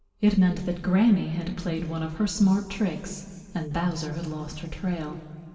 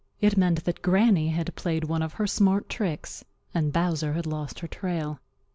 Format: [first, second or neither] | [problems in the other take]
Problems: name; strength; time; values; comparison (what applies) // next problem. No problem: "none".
second | room echo; dies away in 2.3 s